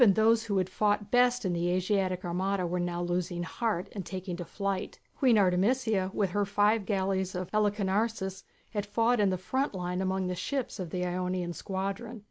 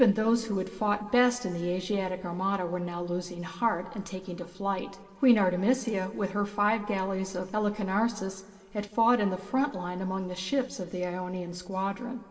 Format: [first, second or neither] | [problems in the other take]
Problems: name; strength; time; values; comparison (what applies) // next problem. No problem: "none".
first | room echo; dies away in 1.6 s